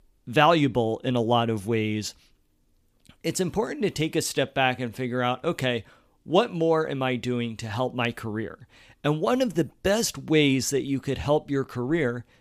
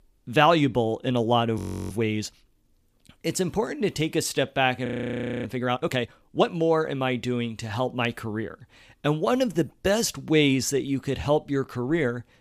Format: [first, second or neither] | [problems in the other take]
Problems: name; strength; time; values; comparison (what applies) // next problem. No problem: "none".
first | audio freezing; at 1.5 s and at 5 s for 0.5 s